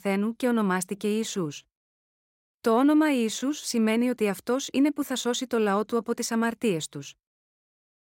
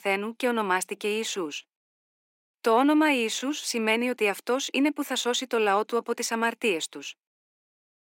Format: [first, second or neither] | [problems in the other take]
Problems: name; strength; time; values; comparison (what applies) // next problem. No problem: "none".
first | thin; very slightly; fading below 250 Hz